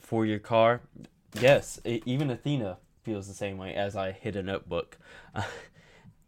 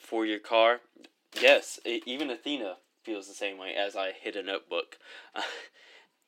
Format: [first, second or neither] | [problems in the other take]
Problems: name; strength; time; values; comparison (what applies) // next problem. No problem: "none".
first | thin; somewhat; fading below 300 Hz